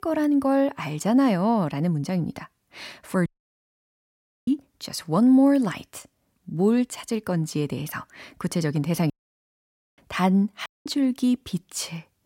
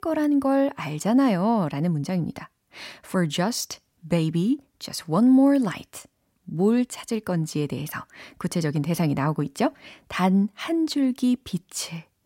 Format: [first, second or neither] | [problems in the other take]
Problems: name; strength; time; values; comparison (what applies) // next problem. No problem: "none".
second | audio cutting out; at 3.5 s for 1 s, at 9 s for 1 s and at 11 s